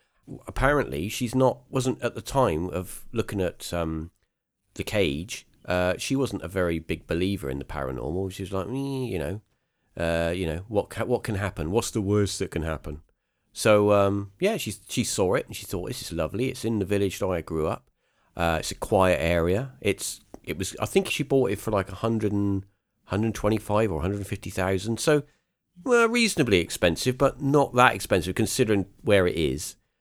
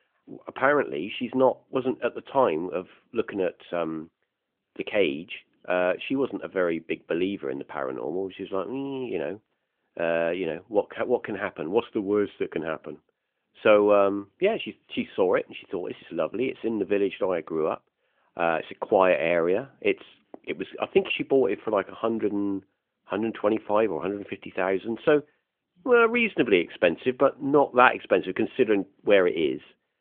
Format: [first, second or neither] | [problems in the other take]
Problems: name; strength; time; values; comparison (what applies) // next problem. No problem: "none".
first | phone-call audio